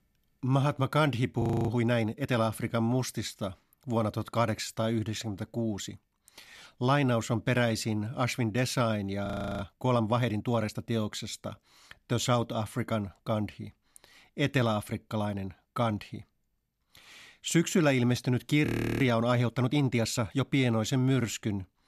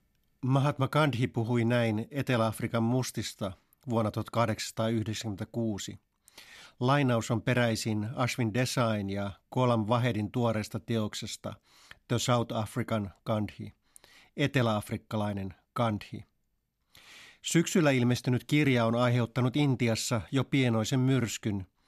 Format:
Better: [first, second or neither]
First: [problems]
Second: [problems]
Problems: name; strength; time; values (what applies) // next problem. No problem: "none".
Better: second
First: audio freezing; at 1.5 s, at 9.5 s and at 19 s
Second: none